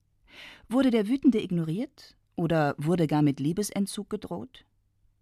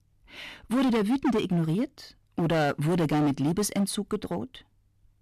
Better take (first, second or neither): first